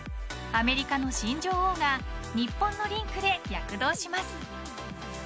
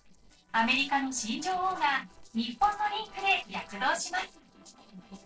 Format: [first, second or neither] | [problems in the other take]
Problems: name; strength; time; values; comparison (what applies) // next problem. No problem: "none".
first | noise reduction (neural separator model SepFormer DNS4)